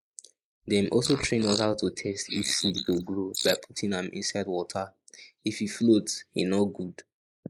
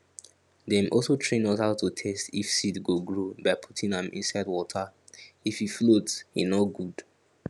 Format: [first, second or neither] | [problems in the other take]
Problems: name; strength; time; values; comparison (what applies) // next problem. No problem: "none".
second | noise reduction (neural mask model Resemble Enhance denoiser)